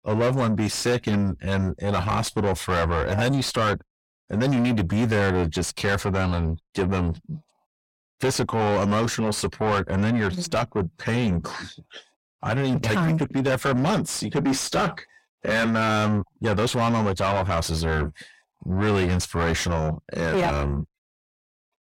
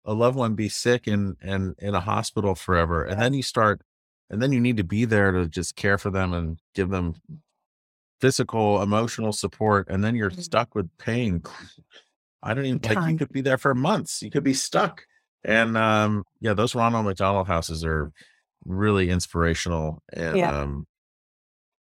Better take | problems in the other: second | distortion; heavy; 6 dB below the speech

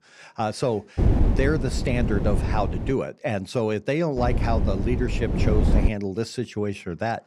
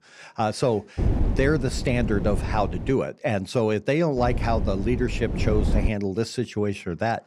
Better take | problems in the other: second | wind noise on the microphone; heavy; from 1 to 3 s and from 4 to 6 s; 6 dB below the speech; occasional gusts in the second

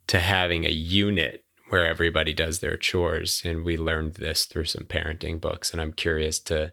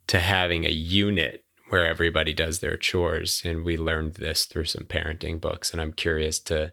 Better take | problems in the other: neither | none

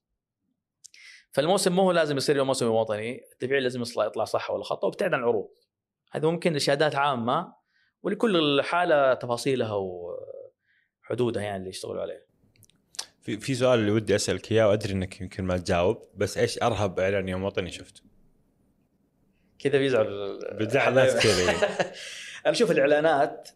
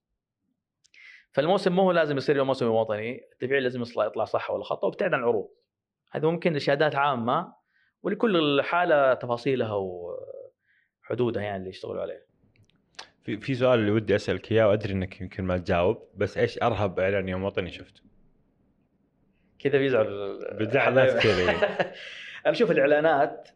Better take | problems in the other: first | muffled; slightly; fading above 2.5 kHz

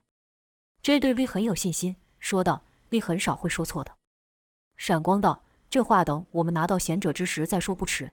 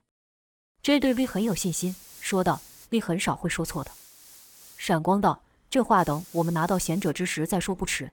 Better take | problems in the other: first | hiss; noticeable; from 1 to 3 s, from 3.5 to 5 s and from 6 to 7 s; 20 dB below the speech

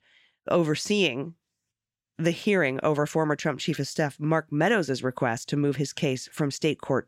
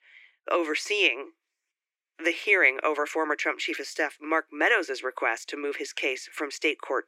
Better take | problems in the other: first | thin; very; fading below 300 Hz

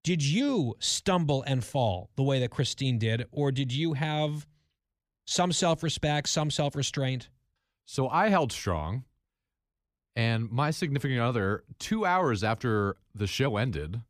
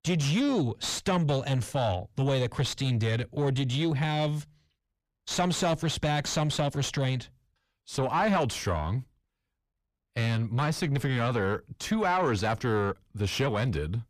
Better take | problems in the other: first | distortion; slight; 9 dB below the speech

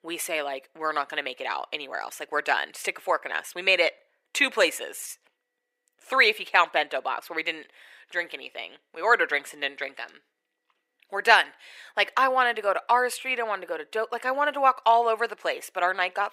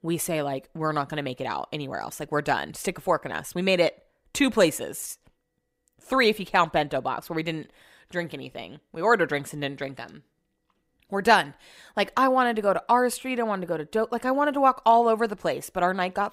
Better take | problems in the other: second | thin; very; fading below 400 Hz

